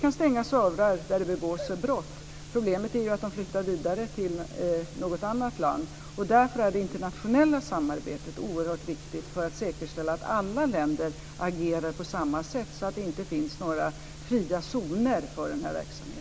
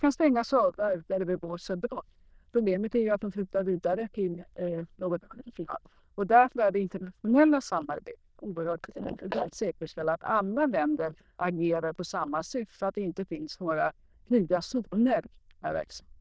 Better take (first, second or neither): first